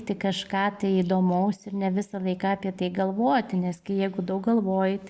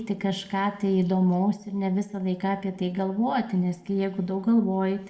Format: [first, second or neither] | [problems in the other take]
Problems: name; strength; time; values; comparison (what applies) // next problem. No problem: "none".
first | room echo; dies away in 0.6 s